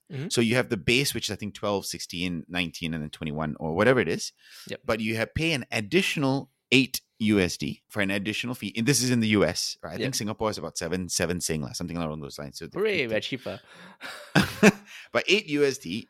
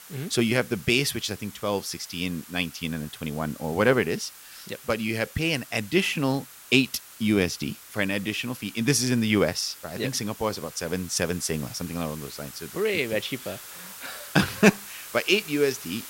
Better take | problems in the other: first | hiss; noticeable; throughout; 15 dB below the speech

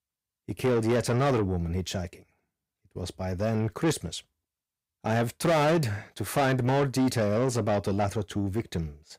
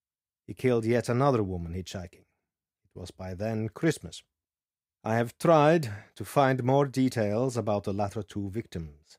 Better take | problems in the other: second | distortion; heavy; 7 dB below the speech

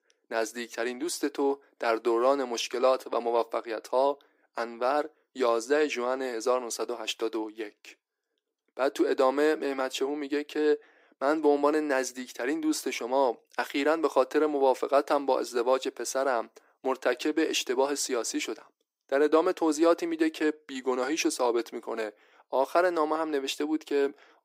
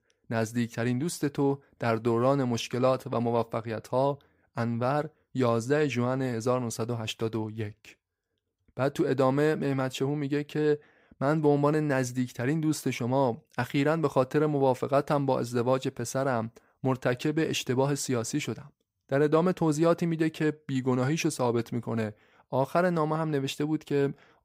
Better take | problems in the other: second | thin; somewhat; fading below 300 Hz

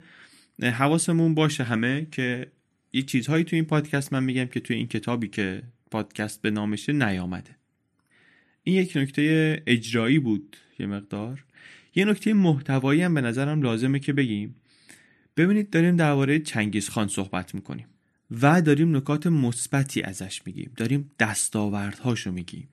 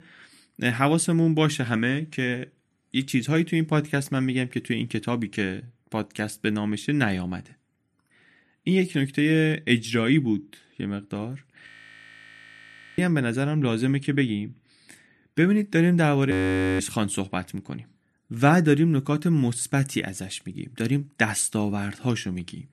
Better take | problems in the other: first | audio freezing; at 12 s for 1.5 s and at 16 s

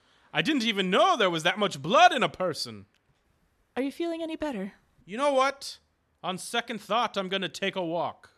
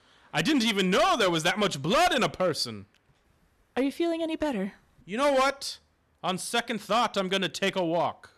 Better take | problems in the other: first | distortion; heavy; 7% of the sound clipped

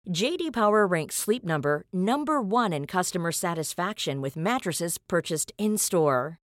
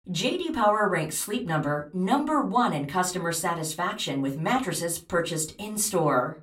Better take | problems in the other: first | off-mic speech; somewhat distant // room echo; very slight; dies away in 0.2 s

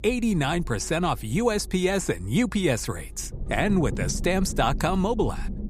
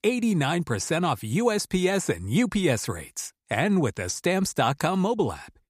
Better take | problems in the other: second | low rumble; noticeable; throughout; 20 dB below the speech

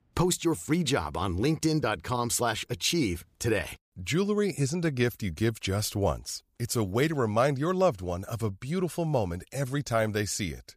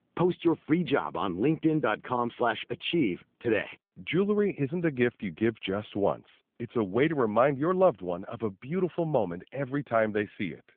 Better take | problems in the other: first | phone-call audio; nothing above 3.5 kHz

